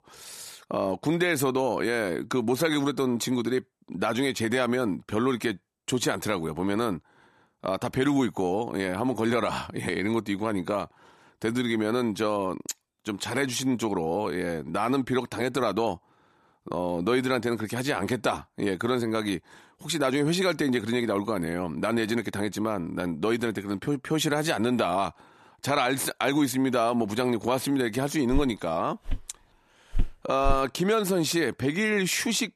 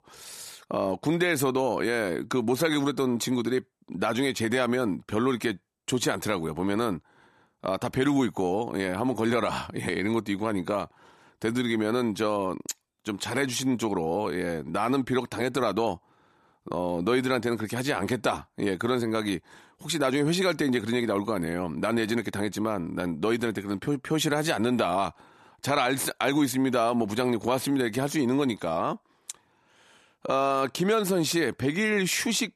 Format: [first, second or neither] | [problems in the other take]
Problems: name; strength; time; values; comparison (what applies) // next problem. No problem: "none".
second | footsteps; noticeable; from 28 to 31 s; peak 8 dB below the speech